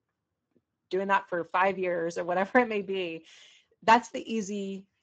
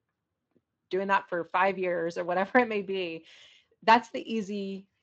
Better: second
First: garbled, watery; badly; nothing above 7.5 kHz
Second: garbled, watery; slightly

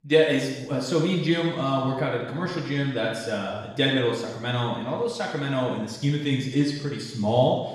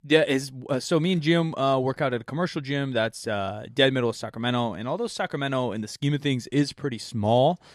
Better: second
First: room echo; noticeable; dies away in 0.9 s // off-mic speech; far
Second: none

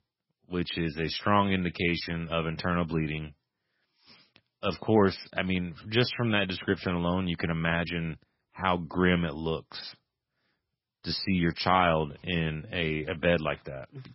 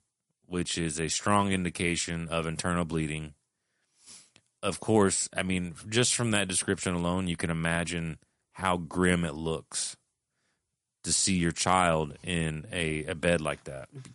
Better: second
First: garbled, watery; badly; nothing above 5.5 kHz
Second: garbled, watery; slightly; nothing above 10.5 kHz

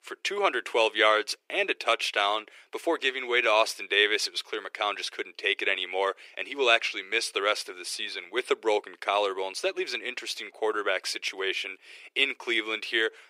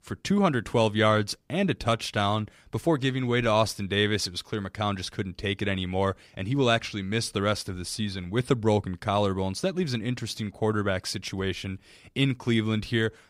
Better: second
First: thin; very; fading below 350 Hz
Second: none

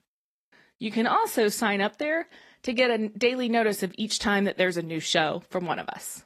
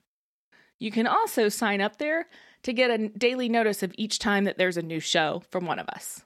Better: second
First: garbled, watery; slightly; nothing above 12.5 kHz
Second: none

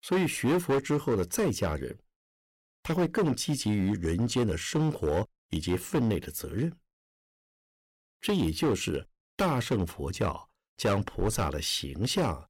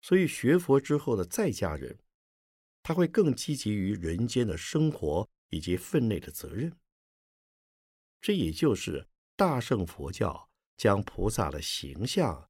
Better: second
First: distortion; heavy; 9% of the sound clipped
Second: none

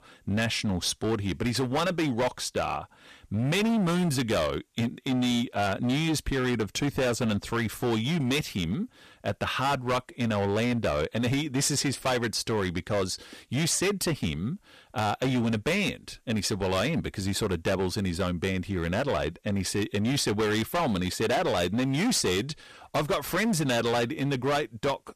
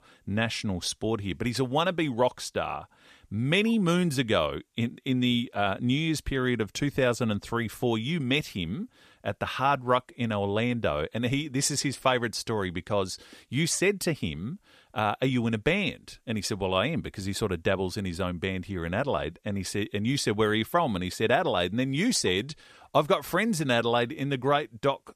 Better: second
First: distortion; heavy; 17% of the sound clipped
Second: none

